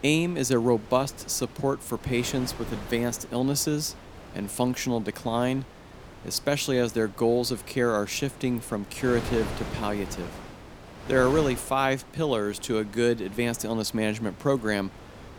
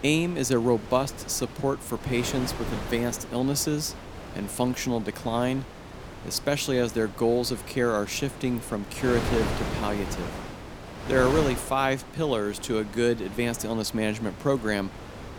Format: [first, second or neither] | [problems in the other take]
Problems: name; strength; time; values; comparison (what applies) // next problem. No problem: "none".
first | wind noise on the microphone; heavy; 10 dB below the speech; occasional gusts in the first